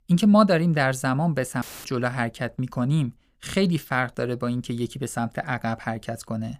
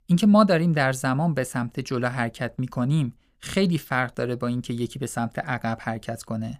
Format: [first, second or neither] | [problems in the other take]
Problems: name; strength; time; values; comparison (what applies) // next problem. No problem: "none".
second | audio cutting out; filled with static; at 1.5 s